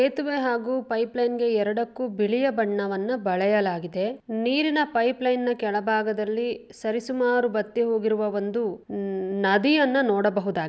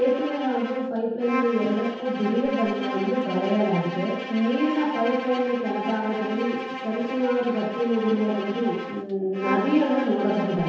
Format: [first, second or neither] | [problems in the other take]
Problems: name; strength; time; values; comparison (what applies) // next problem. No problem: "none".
first | background sound (Bowed string instrument); 7 dB below the speech // room echo; dies away in 0.9 s